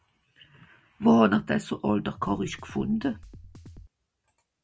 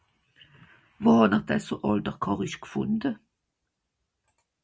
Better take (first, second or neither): second